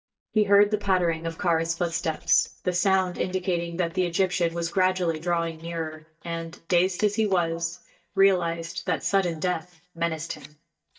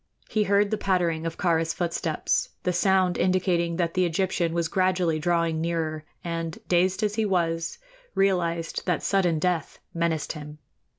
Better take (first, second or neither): second